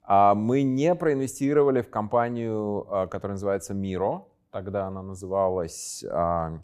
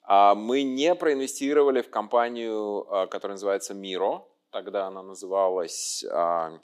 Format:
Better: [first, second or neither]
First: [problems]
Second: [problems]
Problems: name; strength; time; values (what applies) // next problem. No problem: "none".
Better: first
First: none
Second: thin; very slightly; fading below 300 Hz